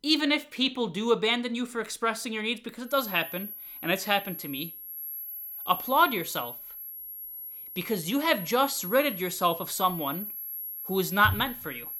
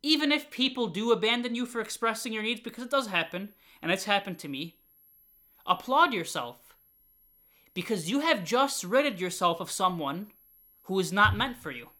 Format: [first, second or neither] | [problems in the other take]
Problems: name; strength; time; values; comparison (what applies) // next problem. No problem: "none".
second | high-pitched whine; loud; from 3 s on; 11.5 kHz, 9 dB below the speech; faint in the second